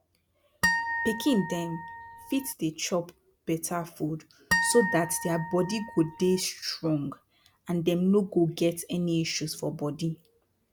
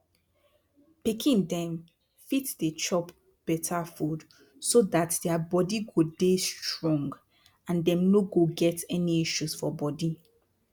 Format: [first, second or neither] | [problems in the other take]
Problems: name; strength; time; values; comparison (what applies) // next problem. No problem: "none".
second | background sound (Harp); 3 dB below the speech